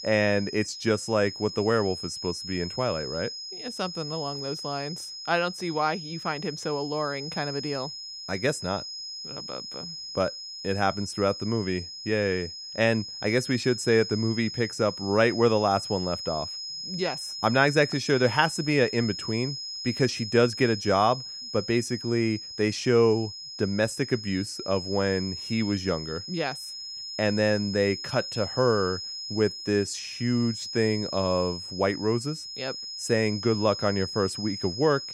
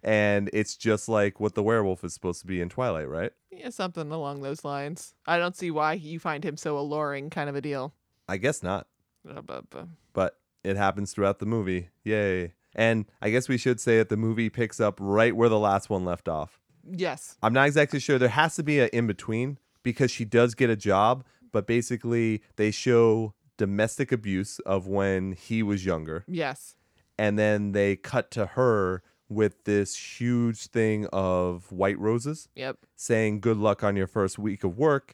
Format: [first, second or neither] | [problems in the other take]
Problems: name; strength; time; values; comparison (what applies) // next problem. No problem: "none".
second | high-pitched whine; loud; throughout; 5 kHz, 8 dB below the speech